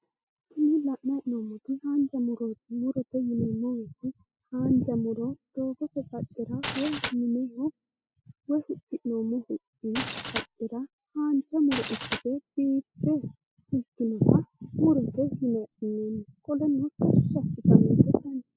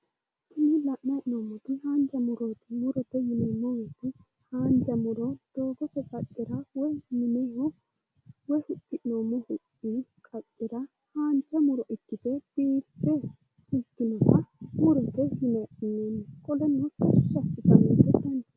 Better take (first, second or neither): second